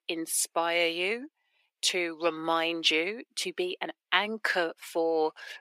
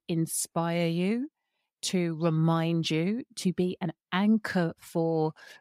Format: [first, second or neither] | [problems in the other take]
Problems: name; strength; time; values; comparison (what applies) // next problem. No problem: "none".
second | thin; very; fading below 350 Hz